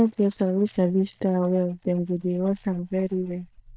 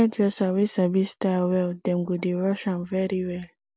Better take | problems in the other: second | noise reduction (neural mask model DeepFilterNet 3)

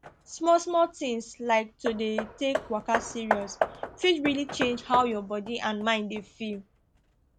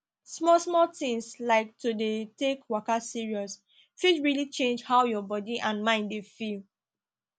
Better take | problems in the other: second | background sound (Hammer); 8 dB below the speech

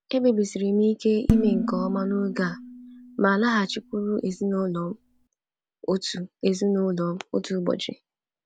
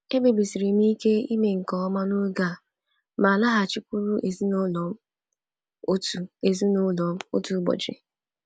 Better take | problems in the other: second | background sound (Dishes, pots, and pans); 4 dB below the speech

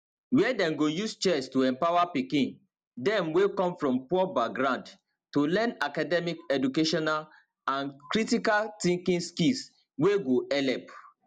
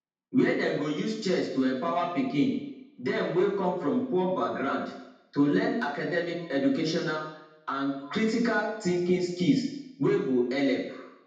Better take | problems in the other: first | room echo; dies away in 0.8 s

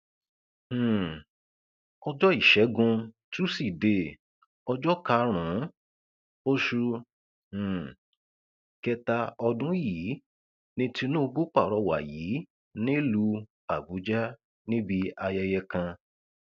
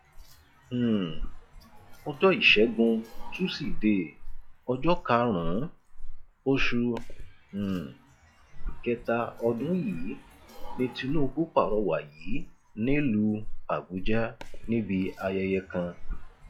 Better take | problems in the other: first | noise reduction (classical method log-MMSE)

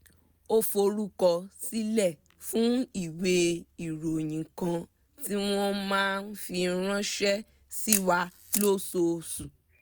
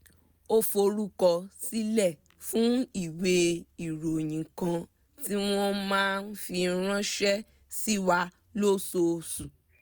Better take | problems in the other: second | background sound (Camera); 6 dB below the speech

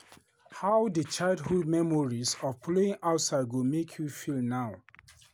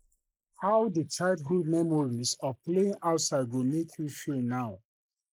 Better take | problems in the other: first | noise reduction (neural mask model Resemble Enhance denoiser)

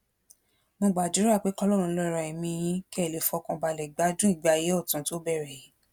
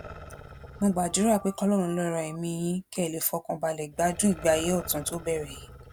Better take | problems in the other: first | background sound (Organ + Growling); 17 dB below the speech

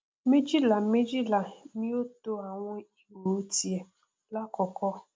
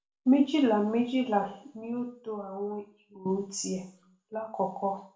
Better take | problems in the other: first | room echo; dies away in 0.4 s

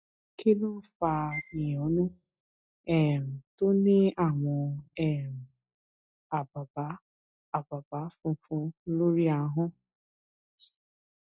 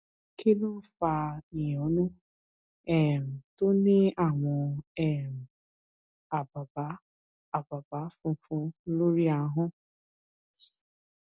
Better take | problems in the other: second | noise reduction (classical method log-MMSE)

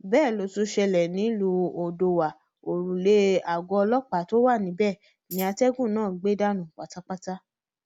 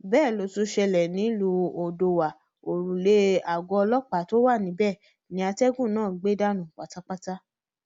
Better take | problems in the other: second | background sound (Tambourine); 16 dB below the speech

